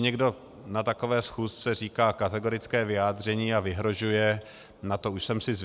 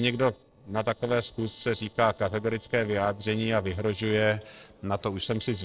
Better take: first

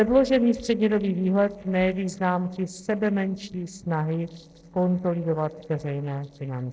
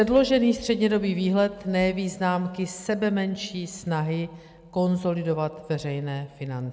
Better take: second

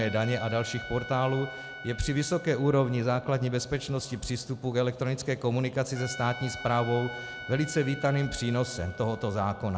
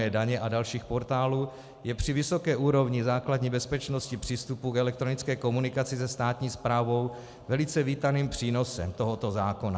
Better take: second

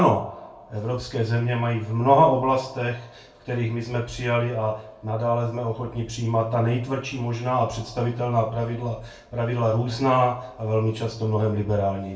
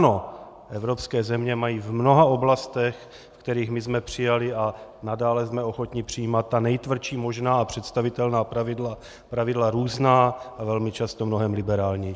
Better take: second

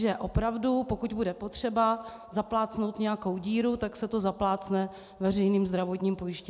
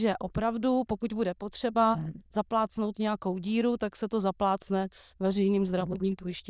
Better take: first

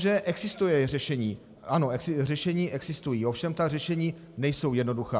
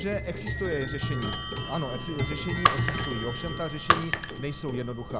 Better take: first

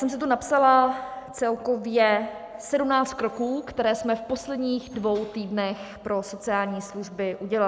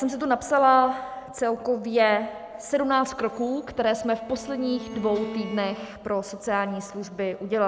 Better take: first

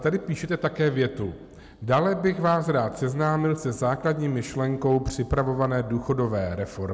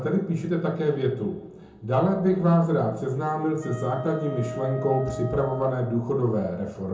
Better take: first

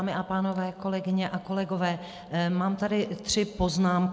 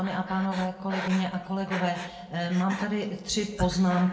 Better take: first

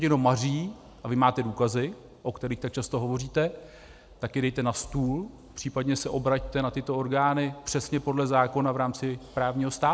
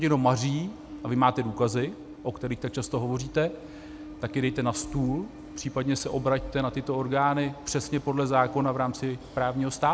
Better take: first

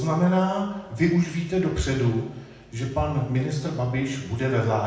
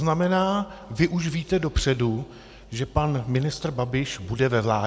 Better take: second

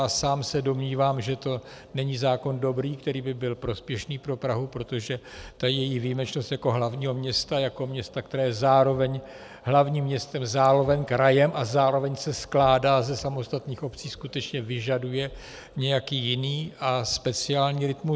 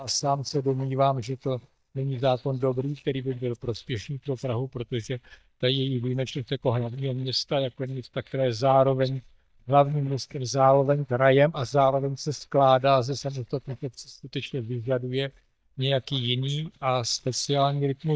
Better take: first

